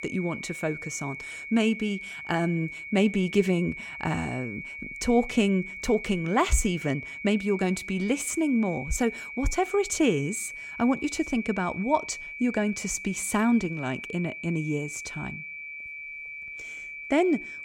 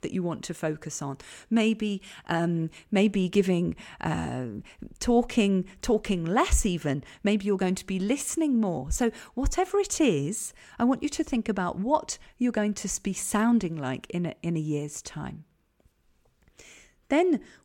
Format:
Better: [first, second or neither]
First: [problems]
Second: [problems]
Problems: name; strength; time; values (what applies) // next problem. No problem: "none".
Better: second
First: high-pitched whine; loud; throughout; 2.5 kHz, 9 dB below the speech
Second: none